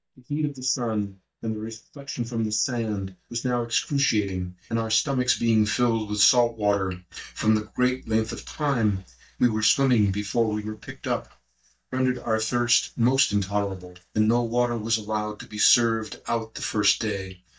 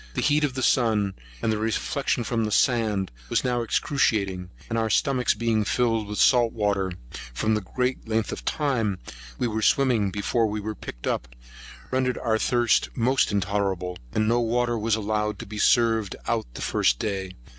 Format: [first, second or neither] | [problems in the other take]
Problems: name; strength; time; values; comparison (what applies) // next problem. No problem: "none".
second | noise reduction (neural mask model DeepFilterNet 3)